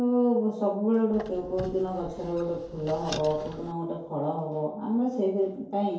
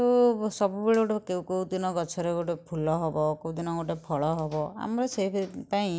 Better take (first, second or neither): second